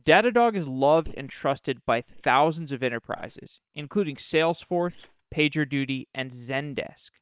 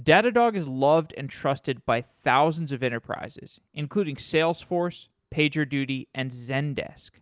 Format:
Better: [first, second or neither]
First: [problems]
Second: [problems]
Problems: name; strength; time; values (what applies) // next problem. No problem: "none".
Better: second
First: noise reduction (neural separator model SepFormer WHAM!)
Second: none